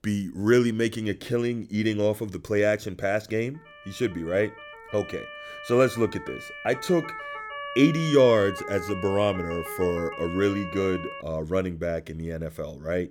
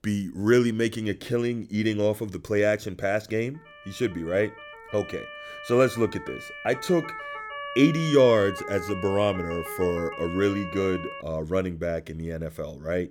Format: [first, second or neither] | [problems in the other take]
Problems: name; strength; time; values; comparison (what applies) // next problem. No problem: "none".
neither | siren; noticeable; from 3.5 to 11 s; peak 9 dB below the speech; the same in both